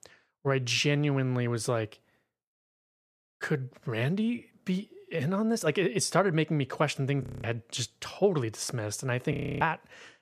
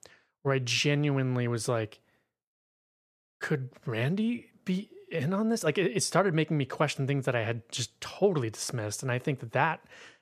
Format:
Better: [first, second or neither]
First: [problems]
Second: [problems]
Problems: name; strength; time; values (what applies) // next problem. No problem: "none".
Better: second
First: audio freezing; at 7 s and at 9.5 s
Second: none